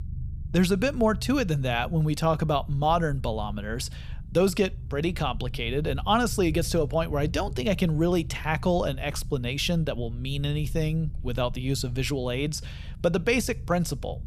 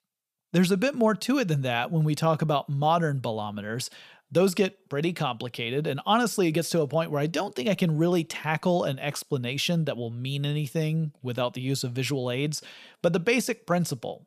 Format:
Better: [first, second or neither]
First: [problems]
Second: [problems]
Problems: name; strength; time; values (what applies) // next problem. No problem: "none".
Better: second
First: low rumble; faint; throughout; 25 dB below the speech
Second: none